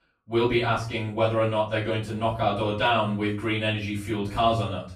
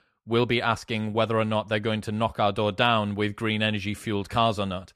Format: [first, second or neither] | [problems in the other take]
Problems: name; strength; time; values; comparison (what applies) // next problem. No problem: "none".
second | off-mic speech; far // room echo; noticeable; dies away in 0.4 s